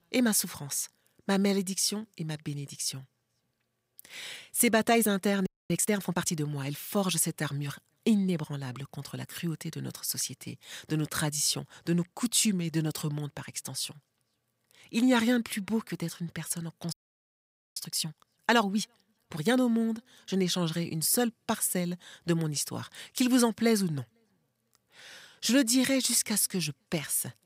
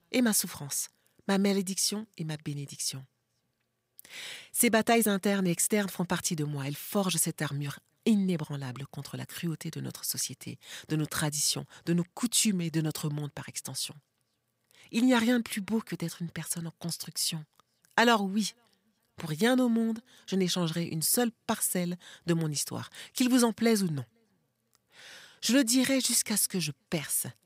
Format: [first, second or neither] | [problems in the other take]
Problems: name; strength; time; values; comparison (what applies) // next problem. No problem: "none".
second | audio freezing; at 5.5 s and at 17 s for 1 s